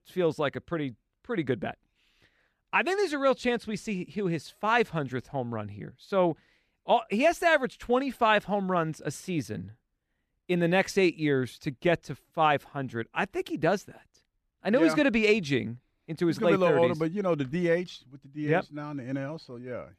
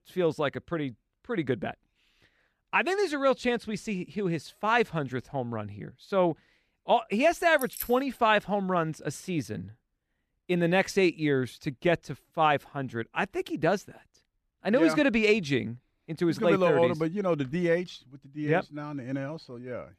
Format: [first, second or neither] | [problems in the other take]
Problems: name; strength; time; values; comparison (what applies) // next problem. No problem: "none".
first | jangling keys; noticeable; at 7.5 s; peak 9 dB below the speech